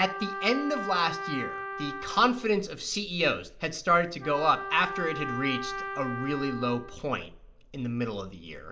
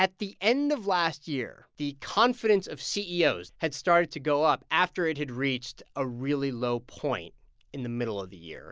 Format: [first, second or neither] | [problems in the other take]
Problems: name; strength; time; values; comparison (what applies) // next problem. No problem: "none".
second | background sound (Trumpet); 9 dB below the speech // room echo; dies away in 0.4 s